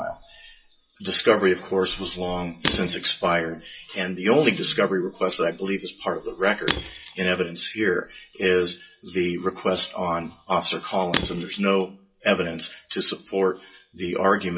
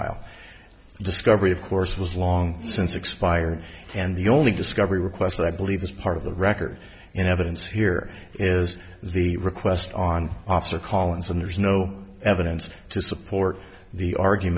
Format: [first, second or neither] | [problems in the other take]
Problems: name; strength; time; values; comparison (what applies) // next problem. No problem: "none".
second | noise reduction (classical method WPE with log-MMSE)